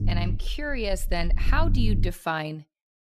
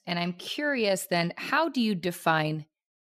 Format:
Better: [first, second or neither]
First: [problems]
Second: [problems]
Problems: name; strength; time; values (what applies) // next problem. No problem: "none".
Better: second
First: low rumble; noticeable; until 2 s; 15 dB below the speech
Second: none